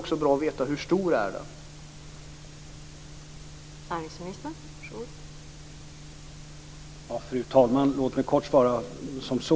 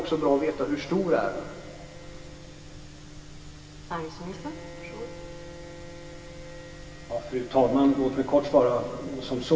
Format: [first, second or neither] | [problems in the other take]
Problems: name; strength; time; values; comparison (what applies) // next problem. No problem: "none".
first | background sound (Bowed string instrument); 19 dB below the speech // room echo; dies away in 2.3 s